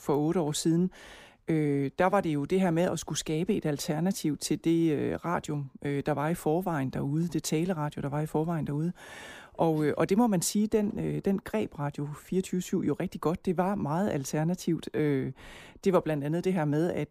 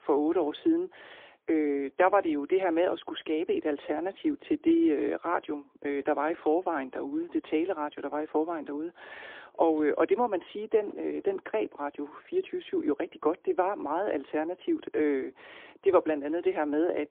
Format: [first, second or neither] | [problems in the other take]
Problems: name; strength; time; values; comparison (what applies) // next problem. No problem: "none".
first | phone-call audio; poor line; nothing above 3.5 kHz